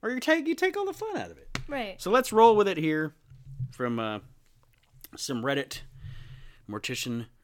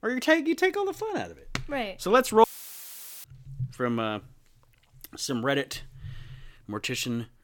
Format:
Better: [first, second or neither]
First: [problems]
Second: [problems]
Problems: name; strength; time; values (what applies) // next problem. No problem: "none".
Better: first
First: none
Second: audio cutting out; filled with static; at 2.5 s for 1 s